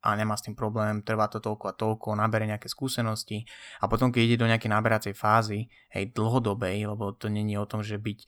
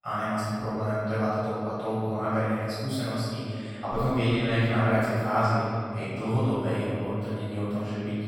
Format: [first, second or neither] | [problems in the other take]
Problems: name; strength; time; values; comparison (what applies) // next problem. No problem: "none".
first | room echo; strong; dies away in 2.4 s // off-mic speech; far